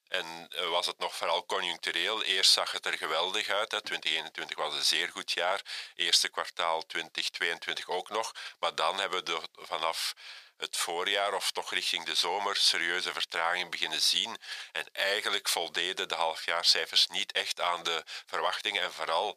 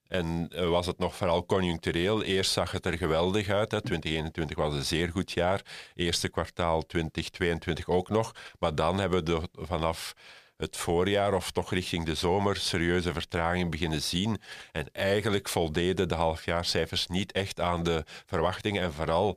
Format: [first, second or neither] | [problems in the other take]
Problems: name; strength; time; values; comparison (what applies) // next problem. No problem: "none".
second | thin; very; fading below 900 Hz